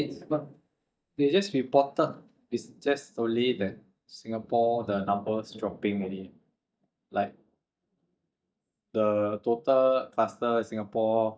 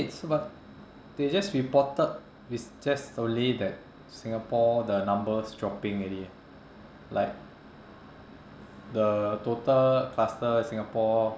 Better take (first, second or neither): second